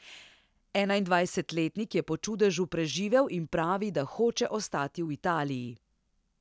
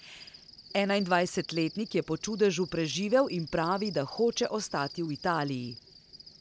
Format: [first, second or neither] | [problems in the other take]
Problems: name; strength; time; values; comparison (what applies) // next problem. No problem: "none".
first | background sound (Cricket); 17 dB below the speech